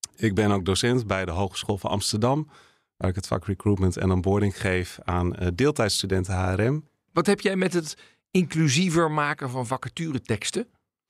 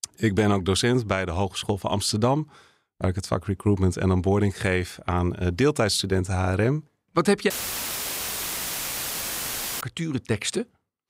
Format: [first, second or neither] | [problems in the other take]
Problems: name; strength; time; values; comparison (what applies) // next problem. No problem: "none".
first | audio cutting out; filled with static; at 7.5 s for 2.5 s